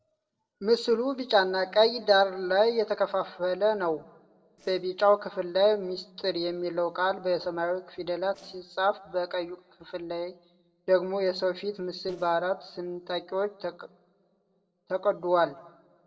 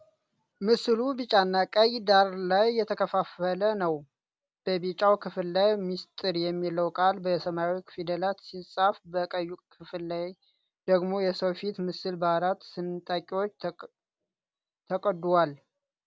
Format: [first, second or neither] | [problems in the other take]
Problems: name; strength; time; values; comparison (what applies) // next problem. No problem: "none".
second | noise reduction (neural separator model SepFormer DNS4)